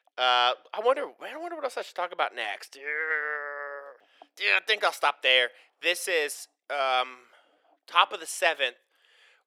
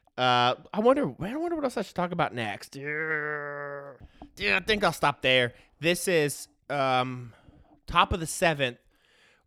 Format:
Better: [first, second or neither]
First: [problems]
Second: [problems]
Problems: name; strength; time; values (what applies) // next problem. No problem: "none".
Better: second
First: thin; very; fading below 450 Hz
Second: none